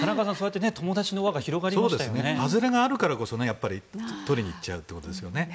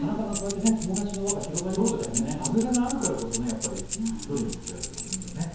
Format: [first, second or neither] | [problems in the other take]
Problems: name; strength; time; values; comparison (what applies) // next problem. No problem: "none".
first | background sound (Keys jangling); 5 dB below the speech // room echo; dies away in 0.9 s